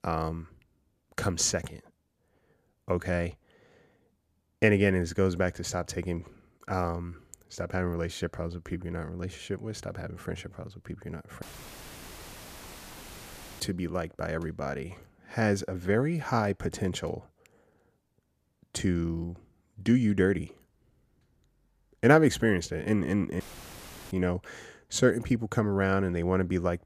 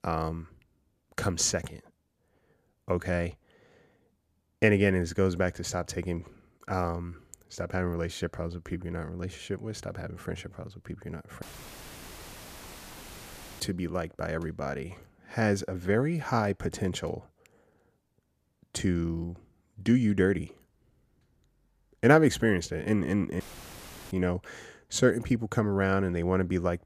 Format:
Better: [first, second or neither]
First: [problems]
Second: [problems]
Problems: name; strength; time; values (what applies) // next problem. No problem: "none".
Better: neither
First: audio cutting out; filled with static; at 11 s for 2 s and at 23 s for 0.5 s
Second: audio cutting out; filled with static; at 11 s for 2 s and at 23 s for 0.5 s